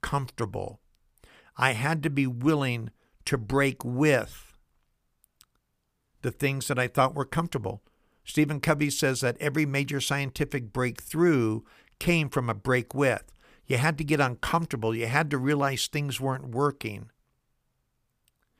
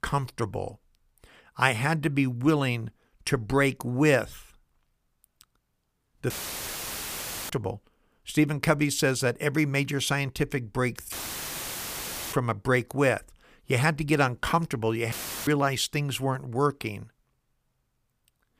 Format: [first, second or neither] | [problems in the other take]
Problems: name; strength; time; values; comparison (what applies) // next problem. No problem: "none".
first | audio cutting out; filled with static; at 6.5 s for 1 s, at 11 s for 1 s and at 15 s